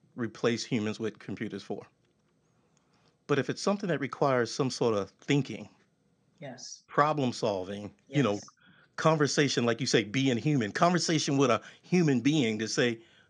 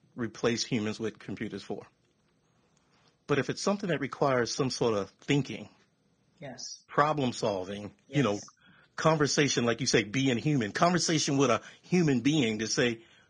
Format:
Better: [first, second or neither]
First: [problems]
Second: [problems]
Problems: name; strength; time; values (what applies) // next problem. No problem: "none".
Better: first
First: none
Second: garbled, watery; slightly; nothing above 9.5 kHz